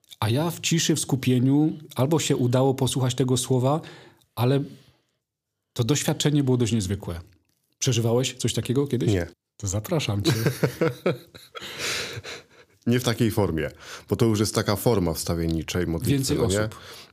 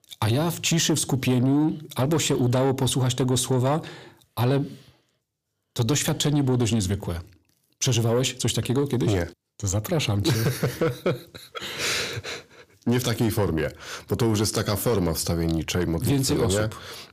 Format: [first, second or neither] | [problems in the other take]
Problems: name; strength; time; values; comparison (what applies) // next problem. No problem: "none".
first | distortion; slight; 10 dB below the speech